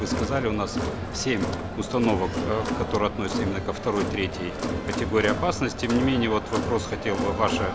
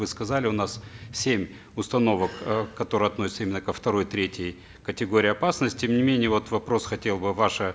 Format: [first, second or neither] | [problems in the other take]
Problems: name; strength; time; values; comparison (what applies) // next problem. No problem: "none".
second | background sound (Crowd); 3 dB below the speech